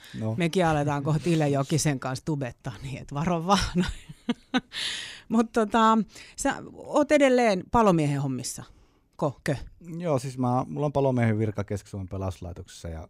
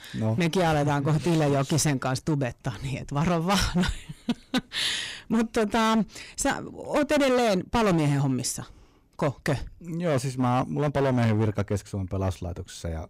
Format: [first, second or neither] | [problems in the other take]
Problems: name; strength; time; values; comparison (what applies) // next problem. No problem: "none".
first | distortion; heavy; 14% of the sound clipped